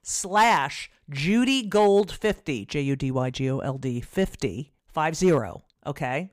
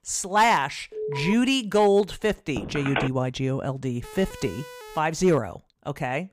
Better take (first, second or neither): first